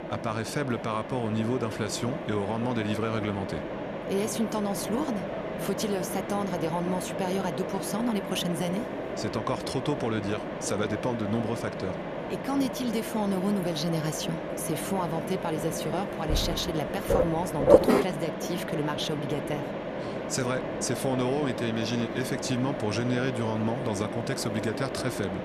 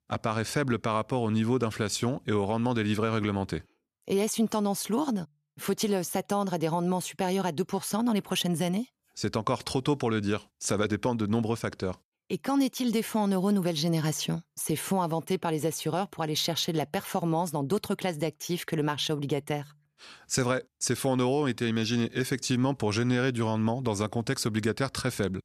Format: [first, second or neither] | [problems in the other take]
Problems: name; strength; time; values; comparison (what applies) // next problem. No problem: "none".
second | machinery noise; loud; throughout; 1 dB below the speech